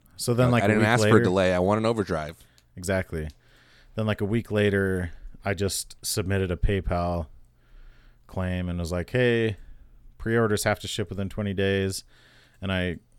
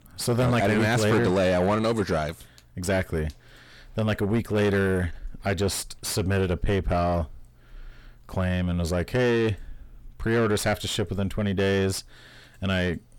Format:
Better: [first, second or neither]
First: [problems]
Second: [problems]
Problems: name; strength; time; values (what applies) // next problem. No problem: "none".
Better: first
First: none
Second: distortion; heavy; 7 dB below the speech